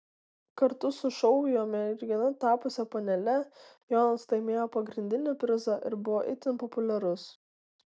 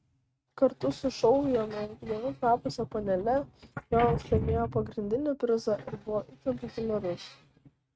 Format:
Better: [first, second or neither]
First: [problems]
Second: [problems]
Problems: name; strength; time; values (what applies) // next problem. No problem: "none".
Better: first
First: none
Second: noise reduction (neural mask model RNNoise)